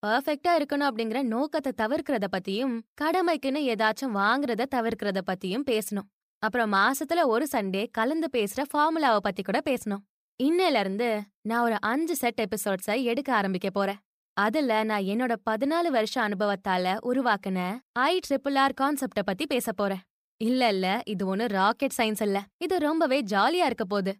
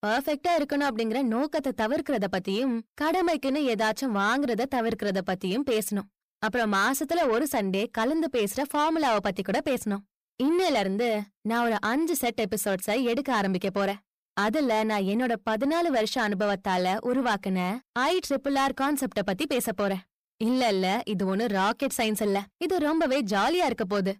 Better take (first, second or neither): first